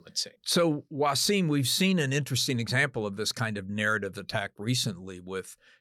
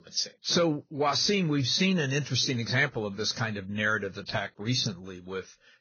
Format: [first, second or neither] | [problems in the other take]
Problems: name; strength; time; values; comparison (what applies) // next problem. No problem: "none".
first | garbled, watery; badly; nothing above 6.5 kHz